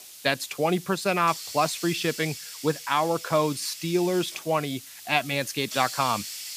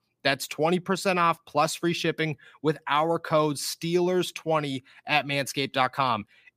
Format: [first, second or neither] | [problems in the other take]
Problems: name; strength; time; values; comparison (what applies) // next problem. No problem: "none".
second | hiss; noticeable; throughout; 10 dB below the speech